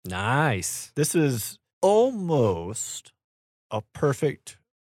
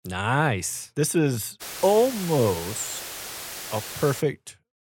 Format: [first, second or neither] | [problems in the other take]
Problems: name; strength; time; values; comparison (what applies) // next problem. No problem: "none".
first | hiss; loud; from 1.5 to 4 s; 9 dB below the speech